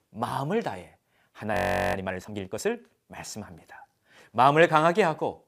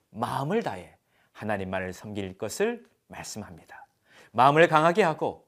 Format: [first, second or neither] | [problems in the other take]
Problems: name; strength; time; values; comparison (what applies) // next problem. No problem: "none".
second | audio freezing; at 1.5 s